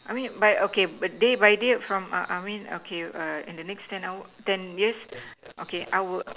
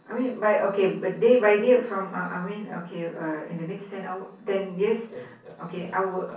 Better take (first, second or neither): first